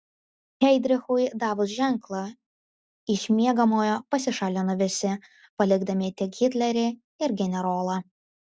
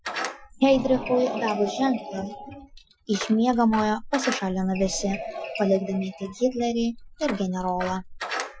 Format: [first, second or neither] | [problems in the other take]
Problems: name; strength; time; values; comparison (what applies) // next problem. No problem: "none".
first | noise reduction (classical method Wiener filter)